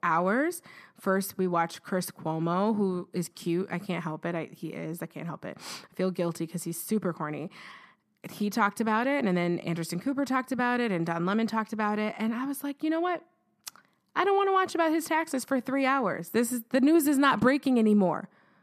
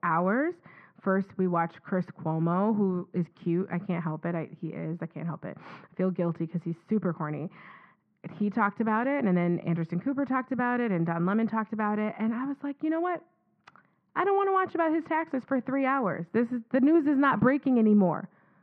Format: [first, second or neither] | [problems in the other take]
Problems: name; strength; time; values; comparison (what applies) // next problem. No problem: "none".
first | muffled; very; fading above 2 kHz